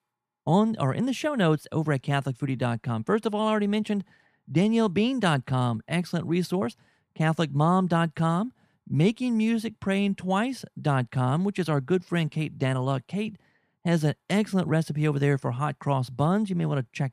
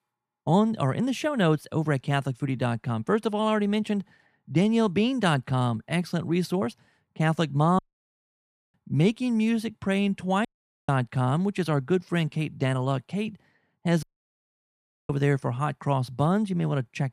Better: first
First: none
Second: audio cutting out; at 8 s for 1 s, at 10 s and at 14 s for 1 s

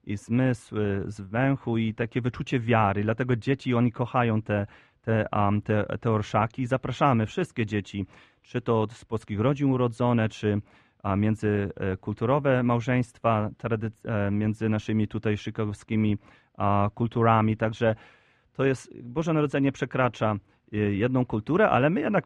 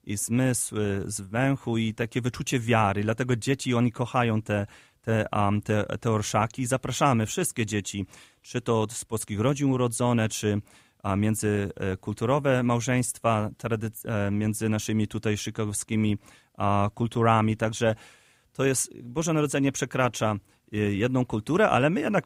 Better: second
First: muffled; very; fading above 2.5 kHz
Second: none

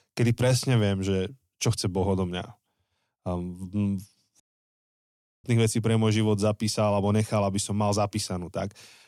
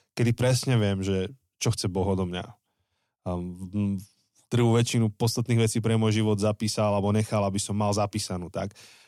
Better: second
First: audio cutting out; at 4.5 s for 1 s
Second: none

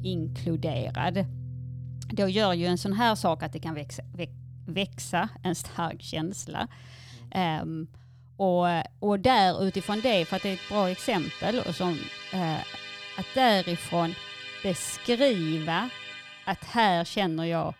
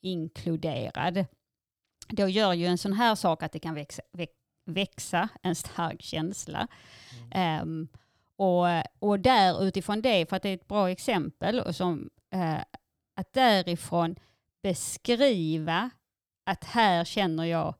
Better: second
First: background music; noticeable; throughout; 10 dB below the speech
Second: none

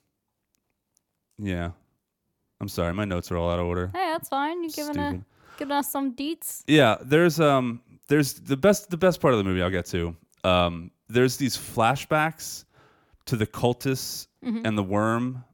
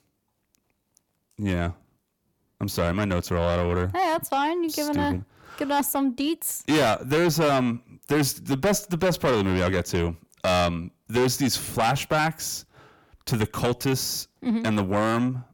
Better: first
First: none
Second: distortion; heavy; 6 dB below the speech

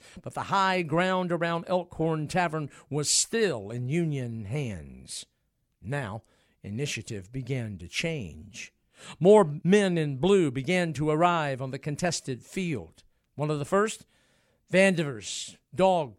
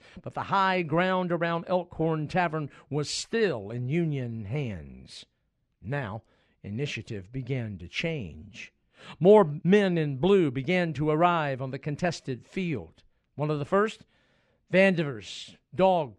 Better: first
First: none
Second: muffled; slightly; fading above 3.5 kHz

